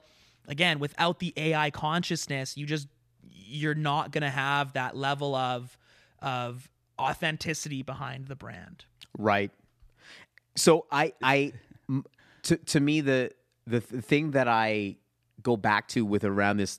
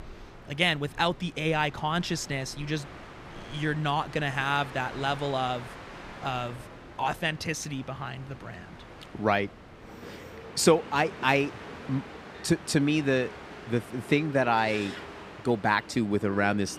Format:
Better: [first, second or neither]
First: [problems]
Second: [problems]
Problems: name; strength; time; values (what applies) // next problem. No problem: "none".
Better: first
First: none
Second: train or aircraft noise; noticeable; throughout; 15 dB below the speech